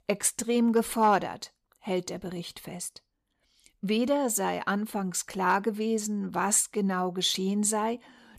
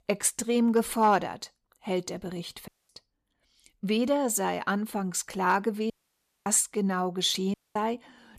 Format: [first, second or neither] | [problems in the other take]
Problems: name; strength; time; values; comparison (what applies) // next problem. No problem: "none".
first | audio cutting out; at 2.5 s, at 6 s for 0.5 s and at 7.5 s